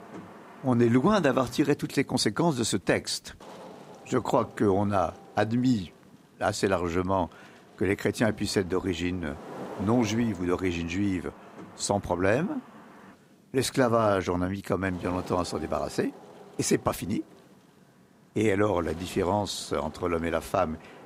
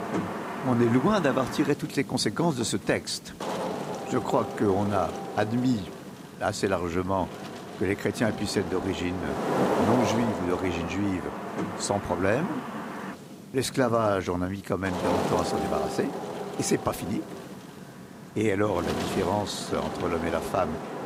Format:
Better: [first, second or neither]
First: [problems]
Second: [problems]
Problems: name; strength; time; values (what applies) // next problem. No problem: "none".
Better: first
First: wind noise on the microphone; occasional gusts; 20 dB below the speech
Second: wind noise on the microphone; heavy; 4 dB below the speech